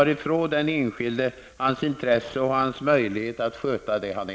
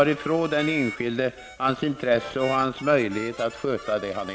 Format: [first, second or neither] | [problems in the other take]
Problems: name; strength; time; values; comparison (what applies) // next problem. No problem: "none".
first | background sound (Harmonica); 15 dB below the speech